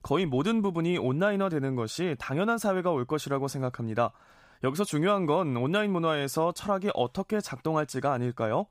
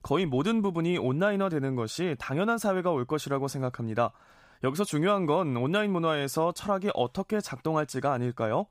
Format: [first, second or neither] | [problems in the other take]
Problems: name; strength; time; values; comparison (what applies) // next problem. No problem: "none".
neither | none